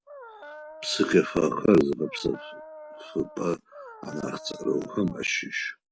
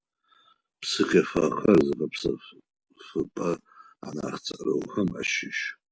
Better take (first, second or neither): second